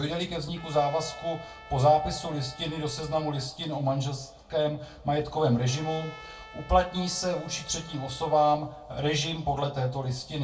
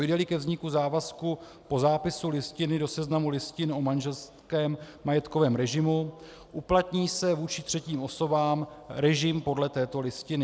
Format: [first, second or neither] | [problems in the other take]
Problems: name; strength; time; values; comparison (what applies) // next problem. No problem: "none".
second | background sound (Trumpet); 20 dB below the speech // room echo; dies away in 0.2 s